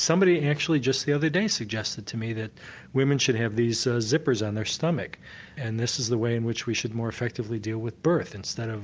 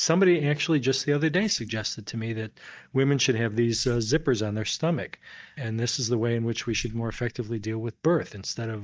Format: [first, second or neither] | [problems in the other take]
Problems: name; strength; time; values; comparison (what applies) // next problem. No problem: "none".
first | noise reduction (neural mask model DeepFilterNet 3)